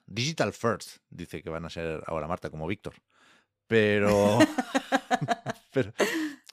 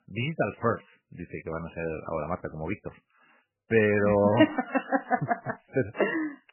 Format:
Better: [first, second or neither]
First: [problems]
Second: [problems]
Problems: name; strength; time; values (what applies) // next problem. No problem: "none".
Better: first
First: none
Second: garbled, watery; badly; nothing above 3 kHz